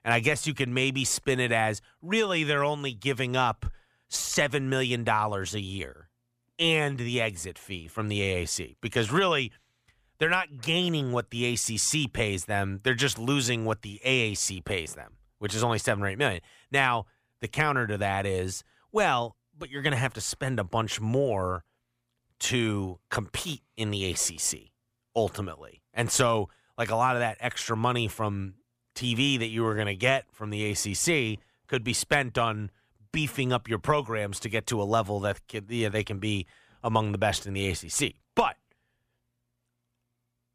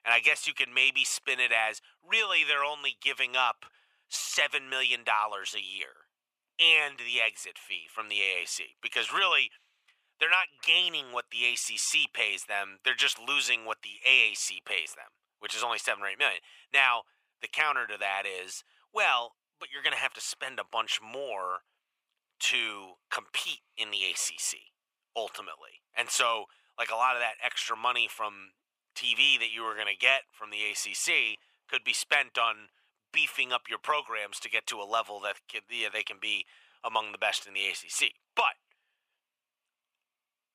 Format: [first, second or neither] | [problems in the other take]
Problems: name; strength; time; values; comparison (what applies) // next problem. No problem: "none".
first | thin; very; fading below 800 Hz